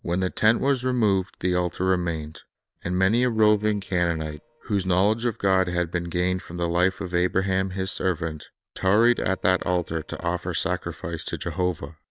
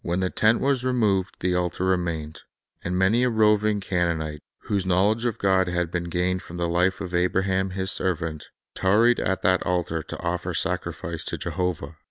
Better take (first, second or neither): second